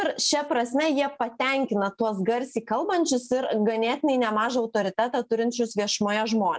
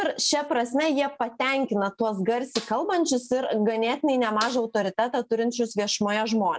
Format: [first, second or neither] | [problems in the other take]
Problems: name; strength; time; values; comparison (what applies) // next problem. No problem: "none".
first | background sound (Snare drum); 17 dB below the speech